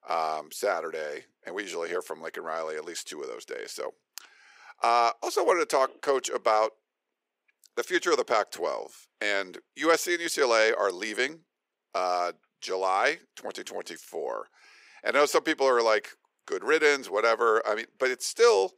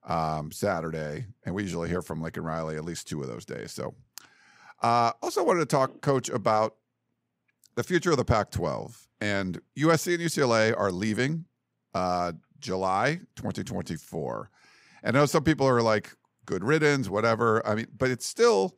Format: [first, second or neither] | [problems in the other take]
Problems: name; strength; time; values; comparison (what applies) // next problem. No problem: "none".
second | thin; very; fading below 400 Hz